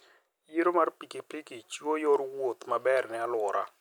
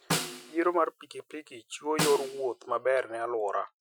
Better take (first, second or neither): first